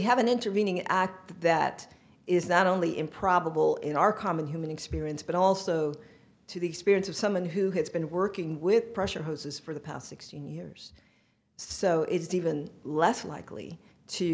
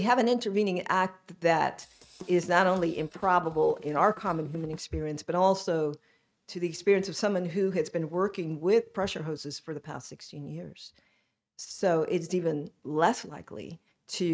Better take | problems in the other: first | noise reduction (neural mask model RNNoise)

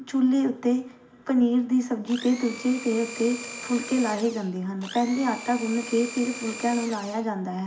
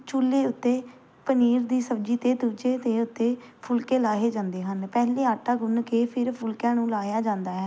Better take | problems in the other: second | background sound (Domestic sounds, home sounds); 13 dB below the speech // room echo; dies away in 0.5 s

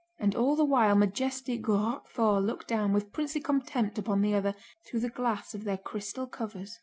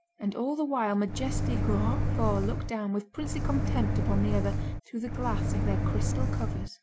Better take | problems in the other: first | background sound (Microwave oven); 5 dB above the speech

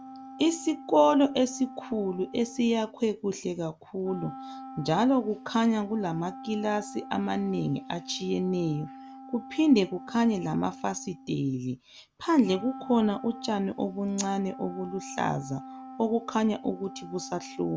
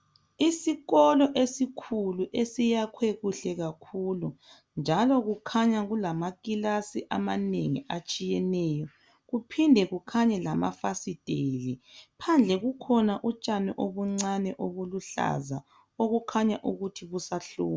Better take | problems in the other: second | background sound (Wind instrument, woodwind instrument); 16 dB below the speech

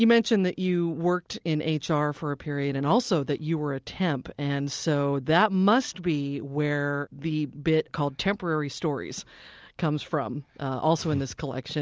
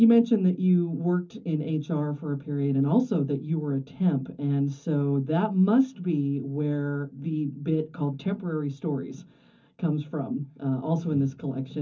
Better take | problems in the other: first | room echo; dies away in 0.3 s

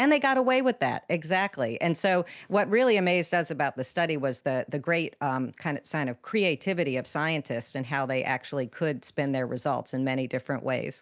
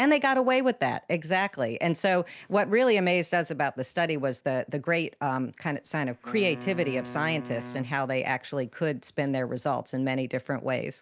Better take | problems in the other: first | background sound (Wind instrument, woodwind instrument); 15 dB below the speech

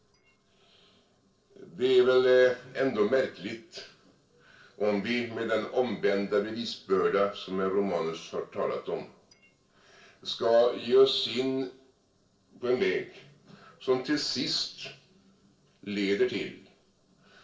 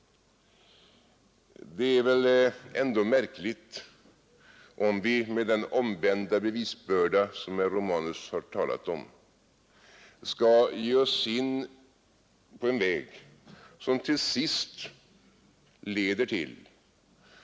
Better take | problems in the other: second | noise reduction (neural separator model SepFormer DNS4)

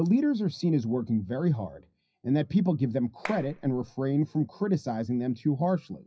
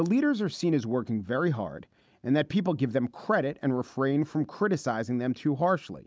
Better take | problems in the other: second | noise reduction (classical method WPE with log-MMSE)

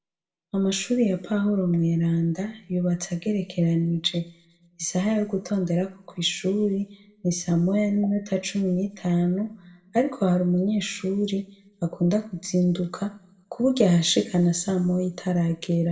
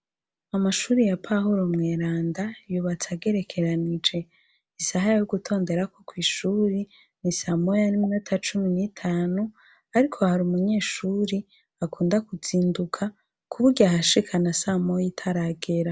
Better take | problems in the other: second | room echo; dies away in 0.4 s

